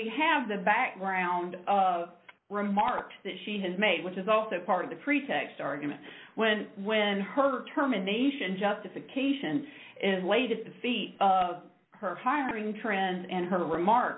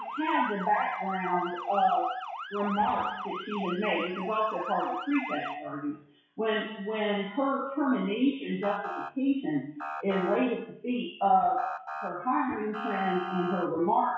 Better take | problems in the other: first | noise reduction (classical method WPE with log-MMSE)

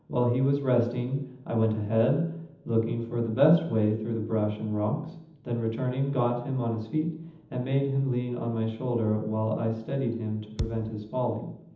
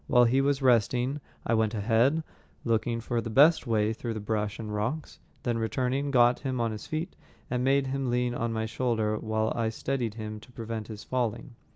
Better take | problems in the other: second | background sound (Thump, thud); 10 dB below the speech // room echo; dies away in 0.8 s

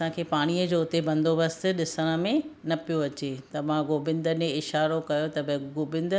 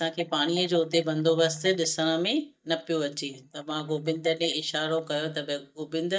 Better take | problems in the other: first | noise reduction (neural mask model DeepFilterNet 3)

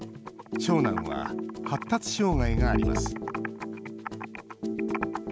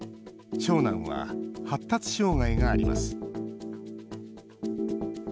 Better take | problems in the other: second | background sound (Computer keyboard); 12 dB below the speech

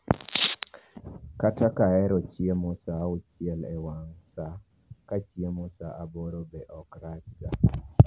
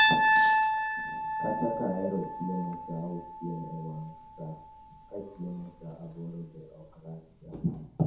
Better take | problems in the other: first | background sound (Piano); 5 dB above the speech // room echo; dies away in 0.6 s

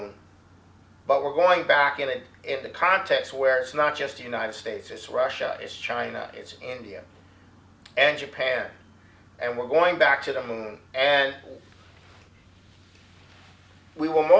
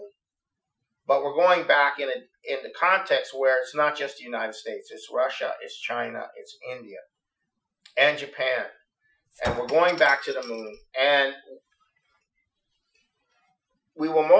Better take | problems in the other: first | noise reduction (classical method Wiener filter)

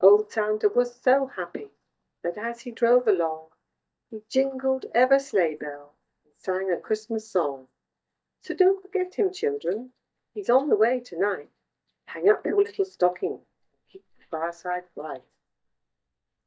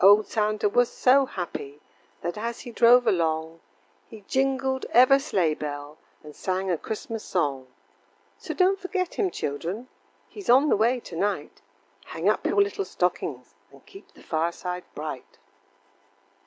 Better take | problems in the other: second | noise reduction (neural mask model DeepFilterNet 3)

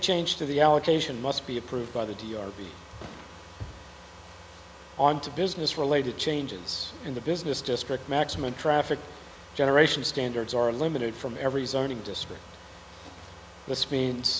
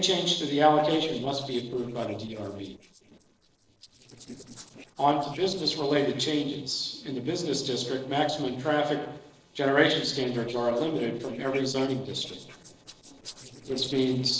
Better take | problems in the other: first | noise reduction (neural separator model SepFormer DNS4)

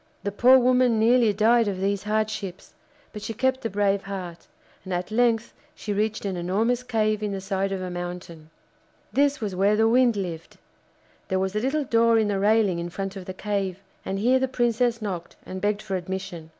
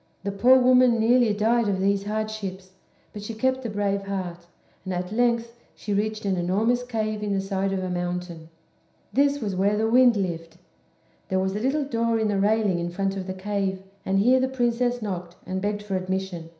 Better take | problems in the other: first | room echo; dies away in 0.5 s

